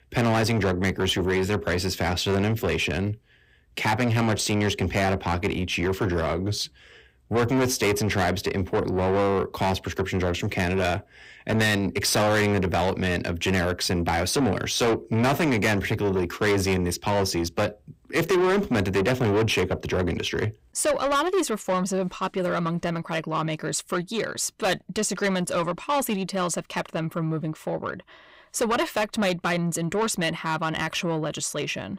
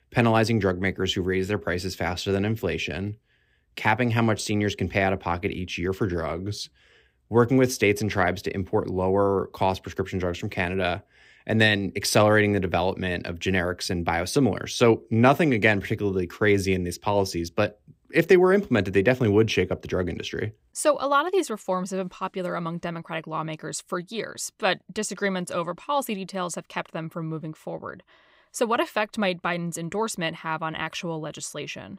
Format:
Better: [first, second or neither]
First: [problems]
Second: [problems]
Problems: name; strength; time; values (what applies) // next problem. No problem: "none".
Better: second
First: distortion; heavy; 6 dB below the speech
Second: none